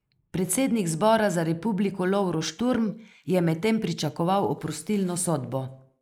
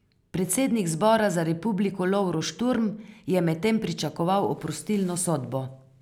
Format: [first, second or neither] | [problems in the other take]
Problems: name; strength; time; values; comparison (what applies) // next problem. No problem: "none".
second | noise reduction (neural mask model Resemble Enhance denoiser)